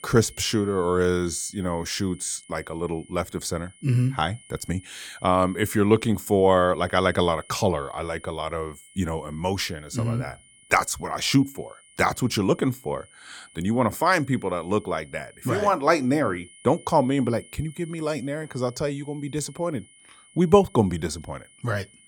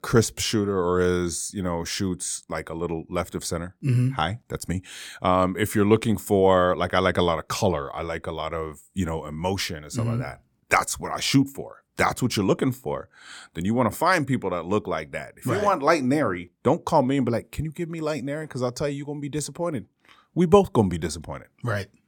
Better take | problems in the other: second | high-pitched whine; faint; throughout; 9.5 kHz, 25 dB below the speech

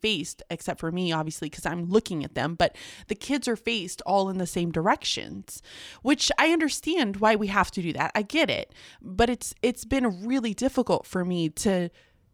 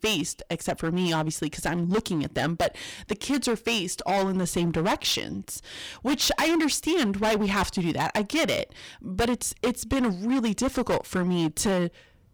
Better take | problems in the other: first | distortion; heavy; 14% of the sound clipped

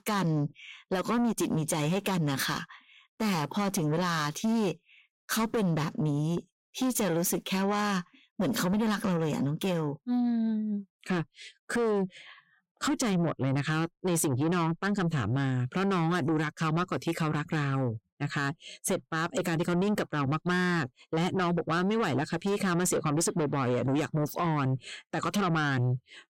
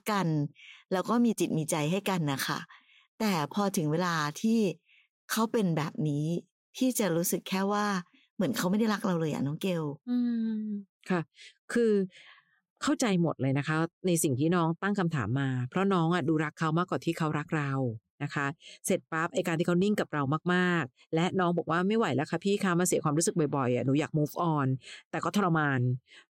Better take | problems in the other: second | distortion; slight; 10 dB below the speech

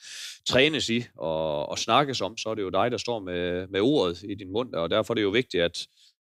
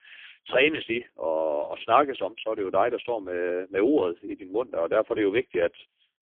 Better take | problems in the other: first | phone-call audio; poor line; nothing above 3.5 kHz

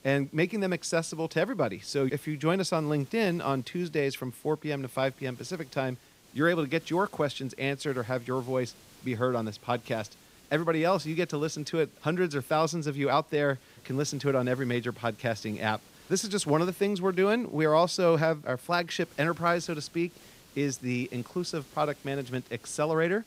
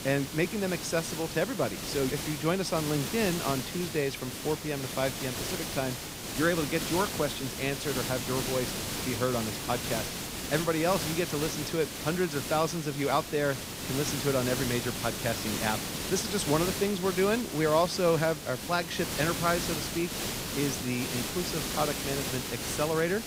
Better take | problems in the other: first | hiss; loud; throughout; 3 dB below the speech; faint in the first

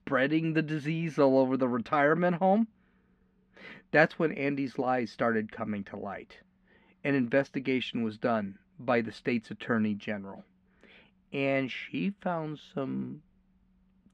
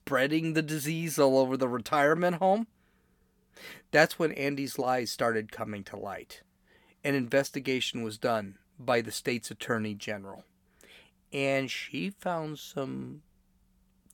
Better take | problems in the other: second | muffled; slightly; fading above 2.5 kHz

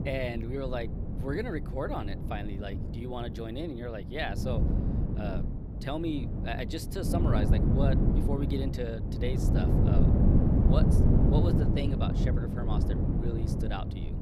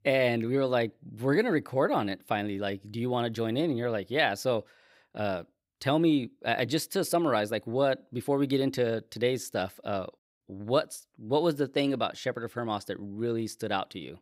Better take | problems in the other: second | wind noise on the microphone; heavy; 1 dB below the speech

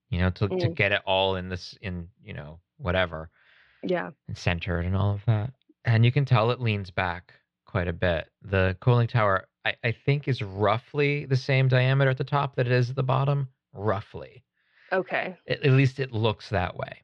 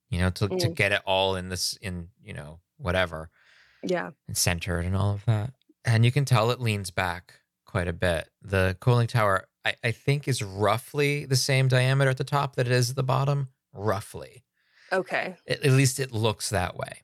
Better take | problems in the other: second | muffled; slightly; fading above 3.5 kHz

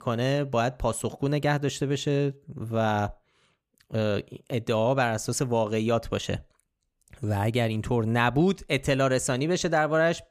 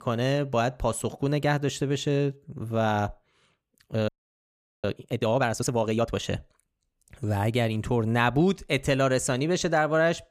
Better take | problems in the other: first | audio freezing; at 4 s for 1 s

